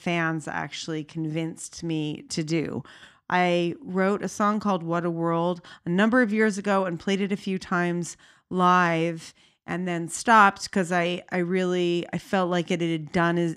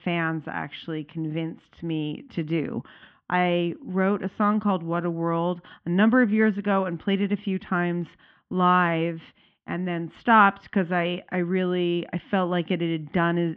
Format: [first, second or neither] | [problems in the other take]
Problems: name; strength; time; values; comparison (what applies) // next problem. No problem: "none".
first | muffled; very; fading above 3 kHz